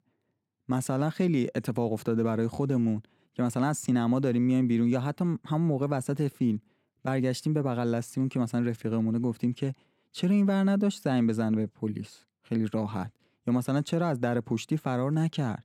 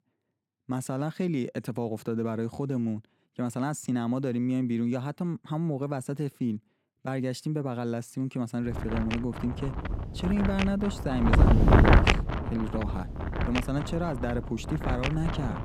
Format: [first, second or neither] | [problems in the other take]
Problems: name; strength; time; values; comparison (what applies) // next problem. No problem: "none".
first | wind noise on the microphone; heavy; from 8.5 s on; 5 dB above the speech